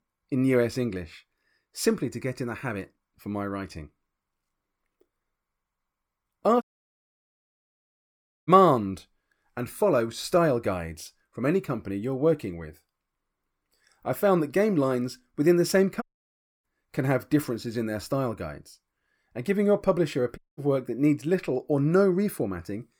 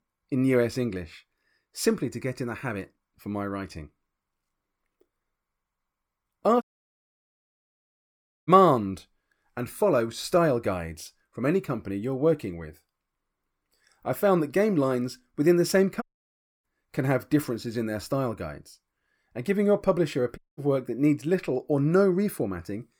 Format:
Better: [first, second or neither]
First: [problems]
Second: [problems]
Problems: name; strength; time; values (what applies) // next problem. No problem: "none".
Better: neither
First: audio cutting out; at 6.5 s for 2 s, at 16 s for 0.5 s and at 20 s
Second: audio cutting out; at 6.5 s for 2 s, at 16 s for 0.5 s and at 20 s